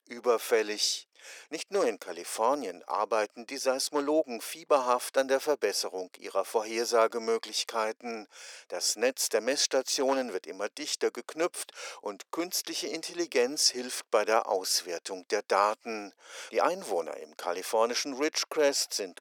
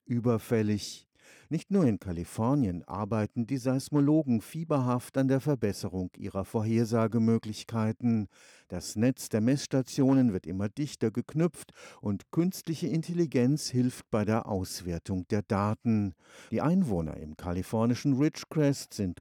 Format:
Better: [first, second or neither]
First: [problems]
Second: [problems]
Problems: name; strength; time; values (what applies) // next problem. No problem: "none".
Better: second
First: thin; very; fading below 450 Hz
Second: none